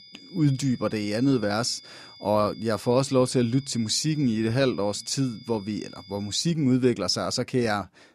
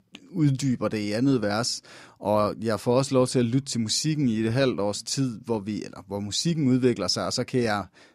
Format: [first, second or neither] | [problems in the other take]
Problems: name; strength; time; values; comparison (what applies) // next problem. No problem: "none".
second | high-pitched whine; faint; until 6.5 s; 5 kHz, 20 dB below the speech